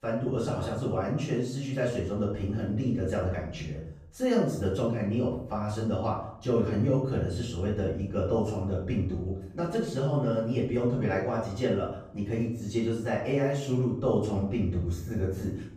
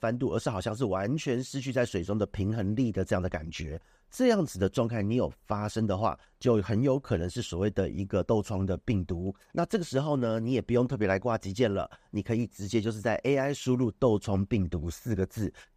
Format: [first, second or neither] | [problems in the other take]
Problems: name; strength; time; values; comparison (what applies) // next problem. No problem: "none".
second | off-mic speech; far // room echo; noticeable; dies away in 0.6 s